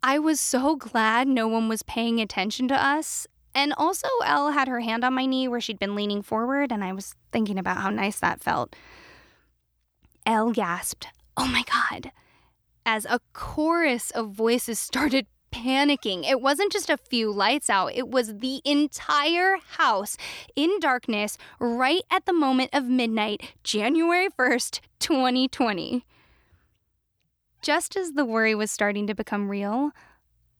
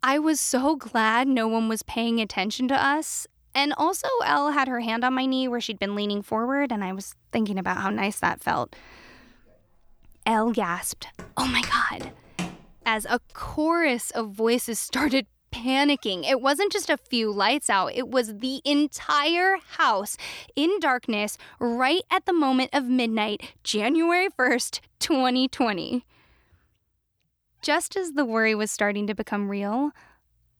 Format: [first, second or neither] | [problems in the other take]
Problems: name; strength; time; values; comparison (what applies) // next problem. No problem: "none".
first | footsteps; noticeable; from 10 to 13 s; peak 10 dB below the speech